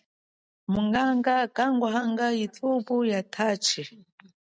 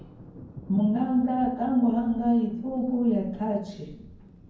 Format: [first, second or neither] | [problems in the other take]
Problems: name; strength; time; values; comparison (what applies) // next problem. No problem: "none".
first | background sound (Thunder); 20 dB below the speech // room echo; dies away in 0.9 s